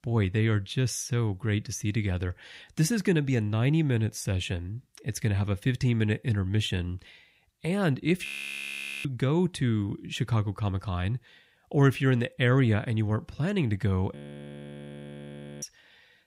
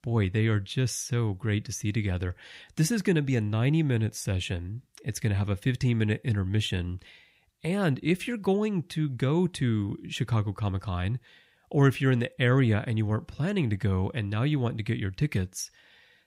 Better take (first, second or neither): second